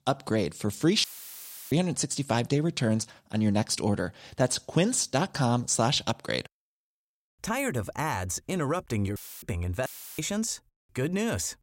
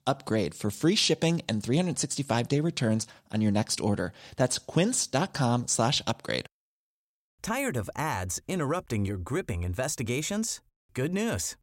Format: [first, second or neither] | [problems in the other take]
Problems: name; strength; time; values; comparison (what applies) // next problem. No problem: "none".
second | audio cutting out; filled with static; at 1 s for 0.5 s, at 9 s and at 10 s